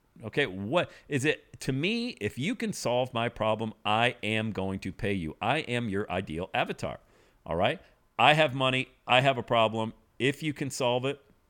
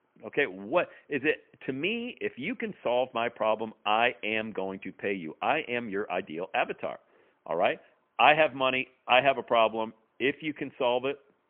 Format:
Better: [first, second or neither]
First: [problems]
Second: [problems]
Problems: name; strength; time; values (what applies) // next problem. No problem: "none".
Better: first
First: none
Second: phone-call audio; poor line; nothing above 3 kHz